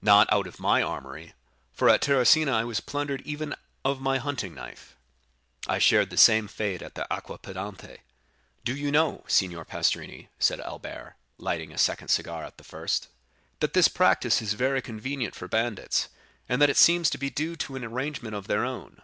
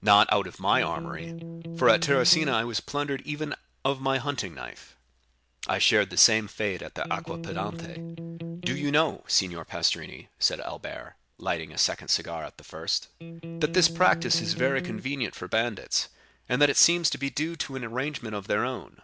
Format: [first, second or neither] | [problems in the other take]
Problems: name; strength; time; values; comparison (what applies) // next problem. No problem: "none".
first | background sound (Electric guitar); 8 dB below the speech